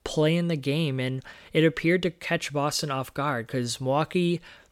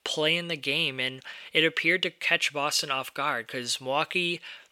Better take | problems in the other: first | thin; somewhat; fading below 800 Hz

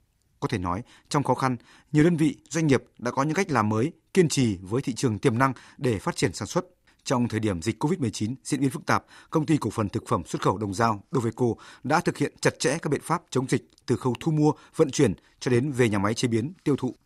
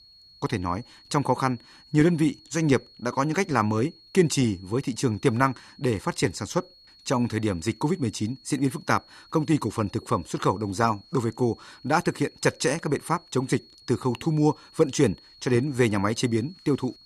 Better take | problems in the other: first | high-pitched whine; faint; throughout; 4.5 kHz, 25 dB below the speech

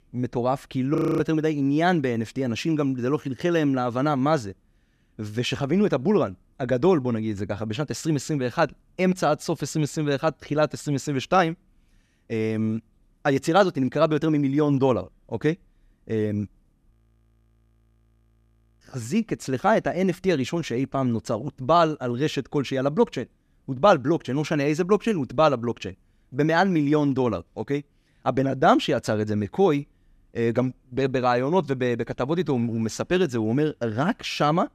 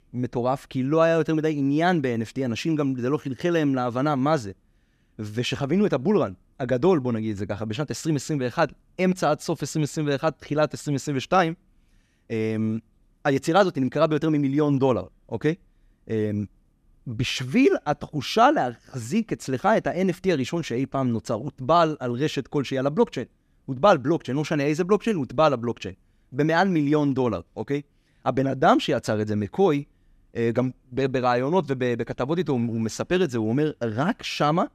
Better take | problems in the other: second | audio freezing; at 1 s and at 17 s for 2 s

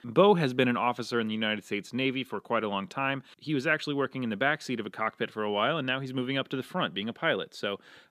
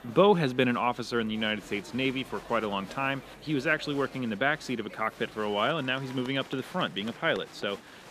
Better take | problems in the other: first | crowd noise; noticeable; throughout; 20 dB below the speech

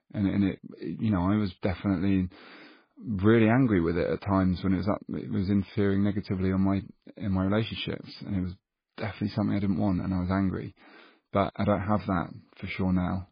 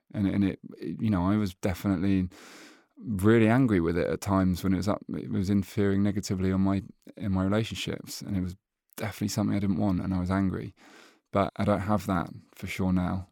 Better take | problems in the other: second | garbled, watery; badly; nothing above 5 kHz

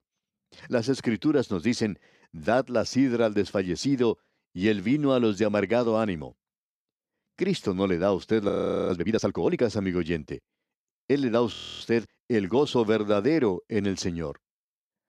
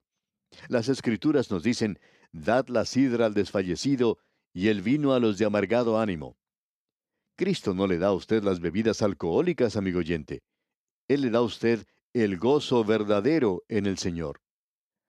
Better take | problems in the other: second | audio freezing; at 8.5 s and at 12 s

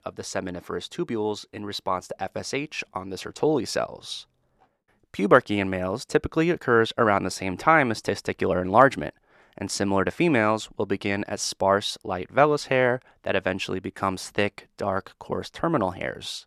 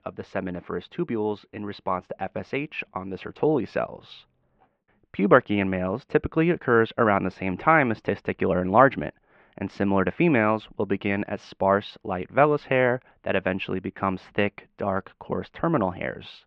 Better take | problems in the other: first | muffled; very; fading above 2.5 kHz

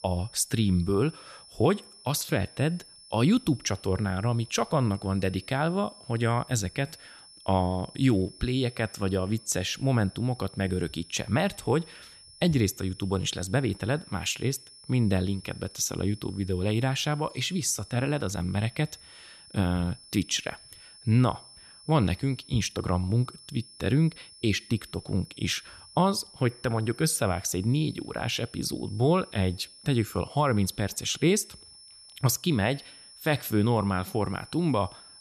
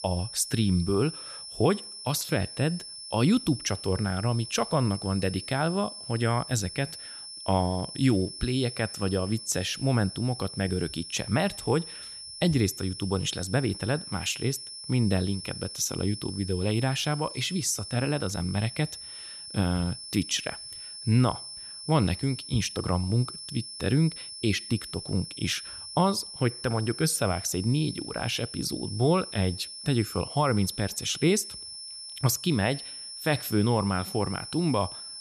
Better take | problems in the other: first | high-pitched whine; loud; throughout; 5.5 kHz, 10 dB below the speech; faint in the first

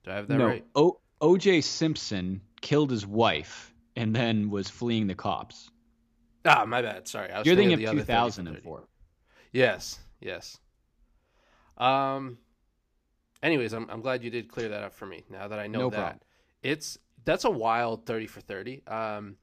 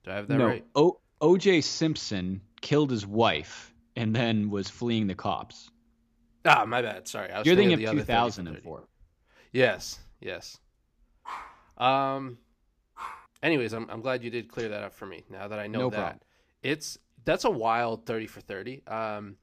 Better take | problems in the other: first | dog barking; faint; from 11 to 13 s; peak 15 dB below the speech

